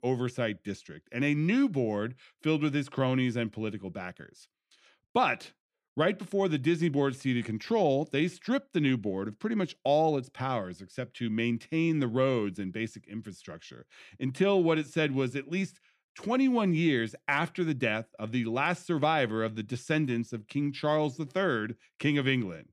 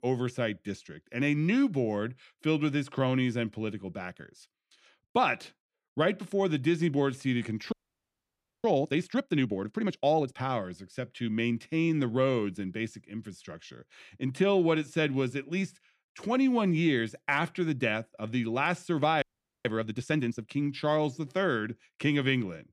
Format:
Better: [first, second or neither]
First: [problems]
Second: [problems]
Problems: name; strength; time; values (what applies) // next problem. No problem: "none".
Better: first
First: none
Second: audio freezing; at 7.5 s for 1 s and at 19 s